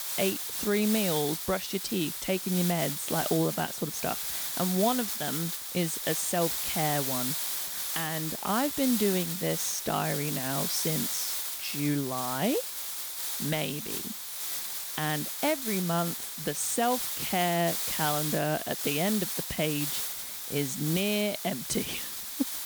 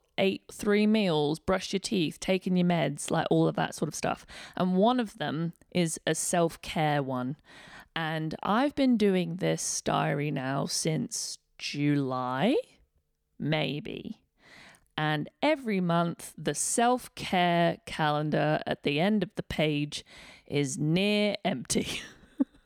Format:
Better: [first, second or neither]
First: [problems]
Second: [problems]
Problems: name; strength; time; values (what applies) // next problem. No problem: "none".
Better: second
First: hiss; loud; throughout; 1 dB below the speech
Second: none